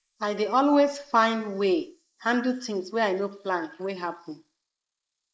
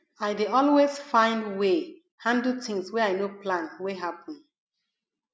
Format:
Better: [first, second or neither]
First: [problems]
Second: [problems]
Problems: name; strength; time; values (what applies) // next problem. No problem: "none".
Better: second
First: noise reduction (neural mask model Resemble Enhance denoiser)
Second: none